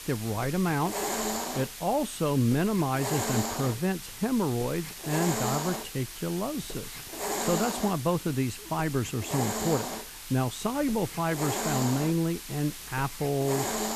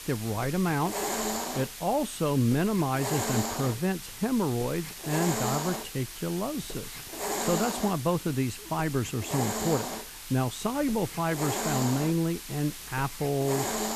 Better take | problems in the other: neither | hiss; loud; throughout; 5 dB below the speech; the same in both

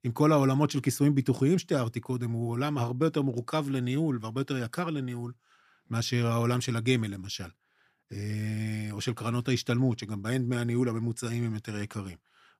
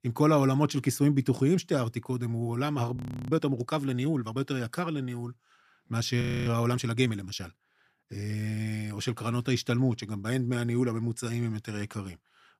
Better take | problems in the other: first | audio freezing; at 3 s and at 6 s

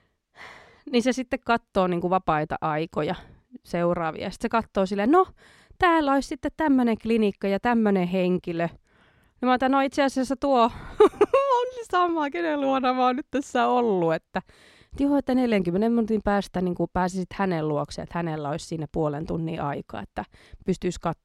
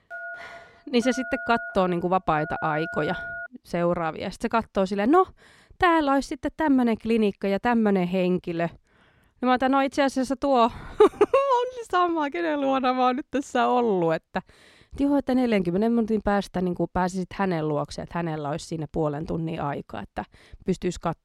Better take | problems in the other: first | phone ringing; noticeable; until 3.5 s; peak 9 dB below the speech

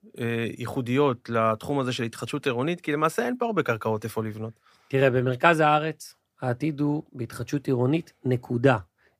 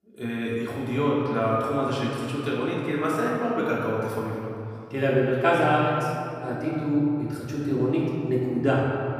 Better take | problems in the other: first | room echo; noticeable; dies away in 2.4 s // off-mic speech; far

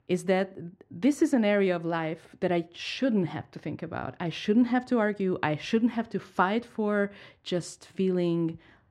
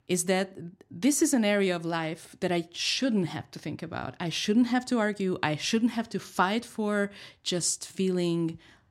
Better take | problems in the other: second | muffled; slightly; fading above 4 kHz

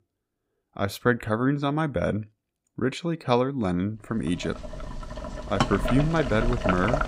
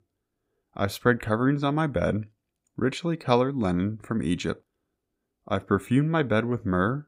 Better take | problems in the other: second | household noises; loud; from 4.5 s on; 4 dB below the speech

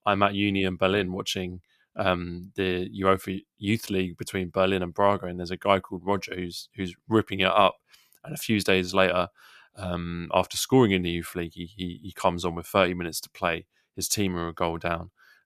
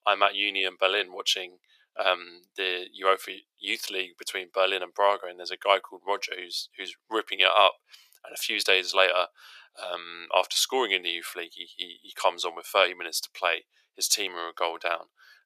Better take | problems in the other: first | thin; very; fading below 450 Hz

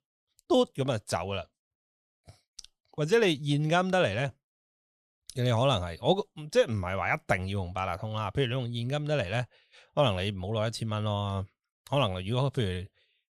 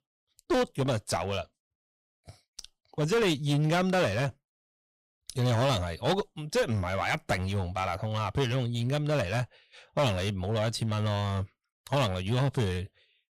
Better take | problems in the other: first | distortion; heavy; 10% of the sound clipped

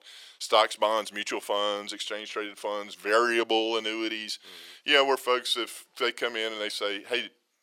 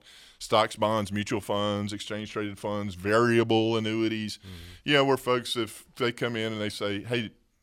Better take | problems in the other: second | thin; very; fading below 400 Hz

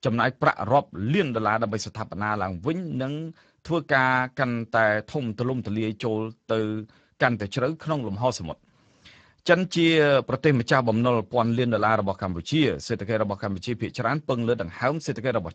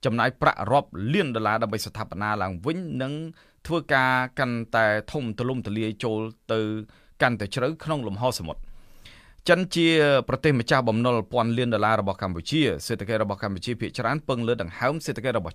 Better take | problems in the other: second | garbled, watery; badly; nothing above 7.5 kHz

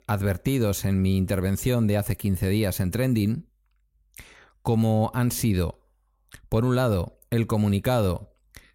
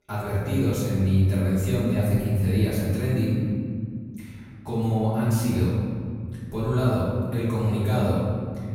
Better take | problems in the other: first | off-mic speech; far // room echo; strong; dies away in 2.2 s

